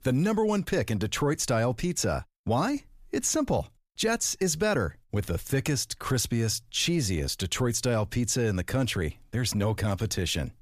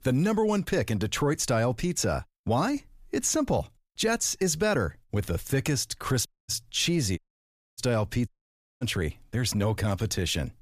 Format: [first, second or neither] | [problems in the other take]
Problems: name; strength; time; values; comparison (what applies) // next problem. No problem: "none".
first | audio cutting out; at 6.5 s, at 7 s for 0.5 s and at 8.5 s for 0.5 s